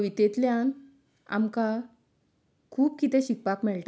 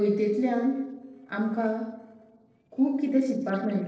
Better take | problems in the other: first | noise reduction (neural separator model SepFormer DNS4)

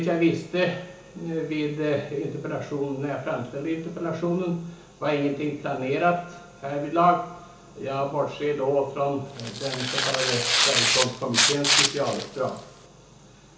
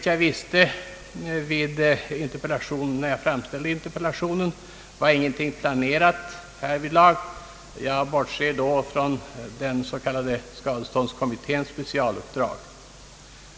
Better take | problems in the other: second | background sound (Tearing); 2 dB above the speech // room echo; dies away in 0.8 s

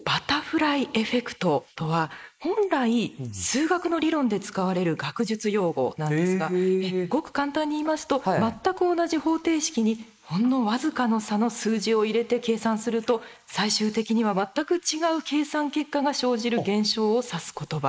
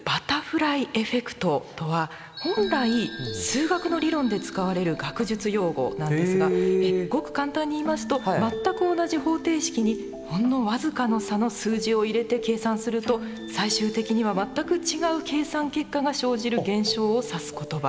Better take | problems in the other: second | noise reduction (neural mask model Resemble Enhance denoiser)

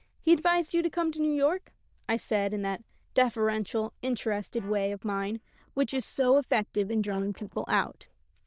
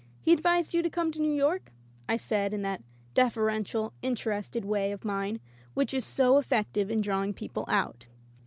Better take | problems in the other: second | noise reduction (neural diffusion model UNIVERSE++)

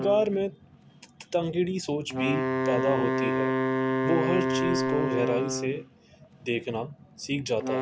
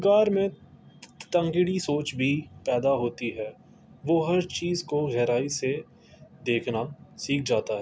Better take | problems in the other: second | background sound (Wind instrument, woodwind instrument); as loud as the speech

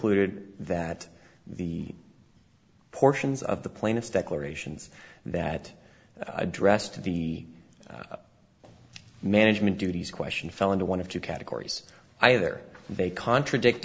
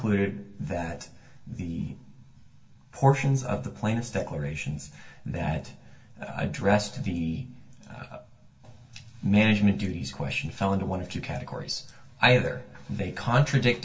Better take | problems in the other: first | room echo; dies away in 0.2 s

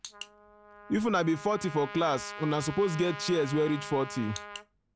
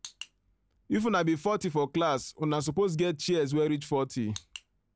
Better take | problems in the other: second | background sound (Trumpet); 13 dB below the speech

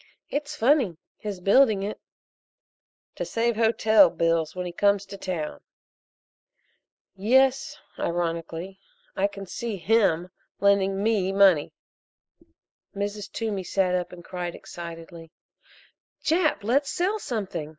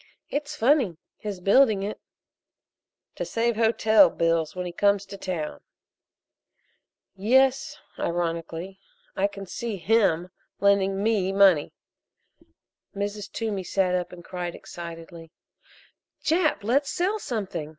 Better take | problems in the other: second | noise reduction (neural mask model Resemble Enhance denoiser)

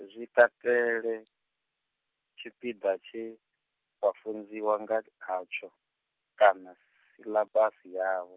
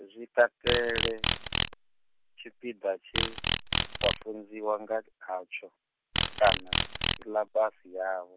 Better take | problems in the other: first | background sound (Insect); 1 dB below the speech

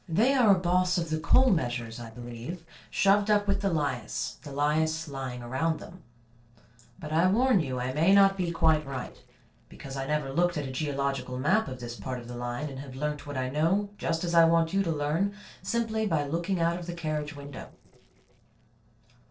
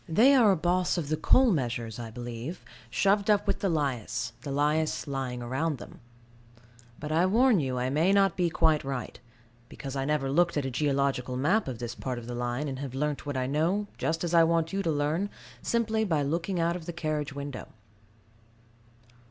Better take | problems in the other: second | noise reduction (neural separator model SepFormer DNS4)

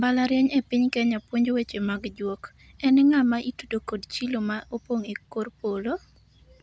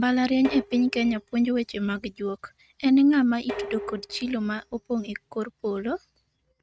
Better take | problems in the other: first | noise reduction (neural mask model RNNoise)

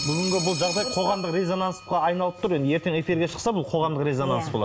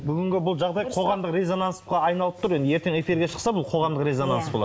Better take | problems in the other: second | background sound (Telephone); 12 dB below the speech

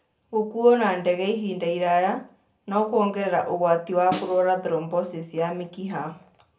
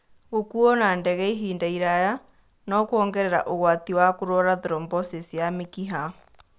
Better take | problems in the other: second | background sound (Snare drum); 16 dB below the speech // room echo; dies away in 0.3 s

